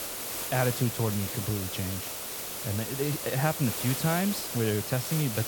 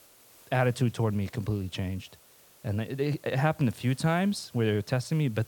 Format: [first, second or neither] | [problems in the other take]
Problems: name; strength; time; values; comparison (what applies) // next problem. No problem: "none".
second | hiss; loud; throughout; 3 dB below the speech; faint in the second